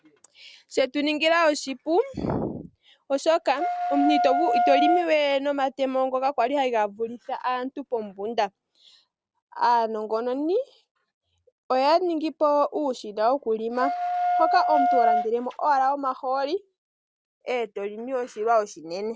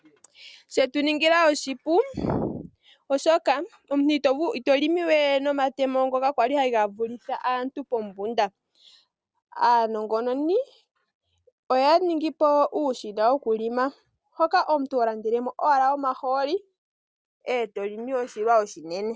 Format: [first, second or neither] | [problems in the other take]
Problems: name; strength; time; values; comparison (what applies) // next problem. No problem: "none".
second | background sound (Wind instrument, woodwind instrument); 1 dB above the speech